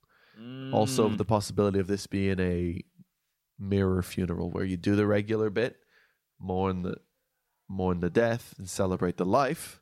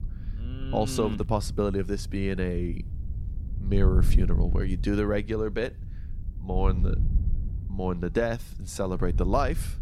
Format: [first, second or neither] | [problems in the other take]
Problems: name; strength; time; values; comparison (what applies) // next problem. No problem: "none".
first | wind noise on the microphone; occasional gusts; 15 dB below the speech